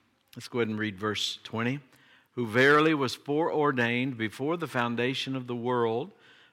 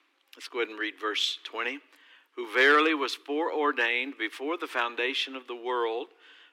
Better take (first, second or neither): first